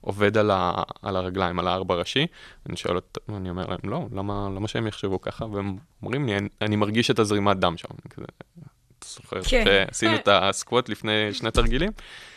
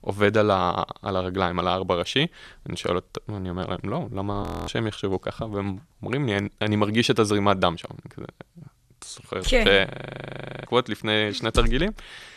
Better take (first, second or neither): first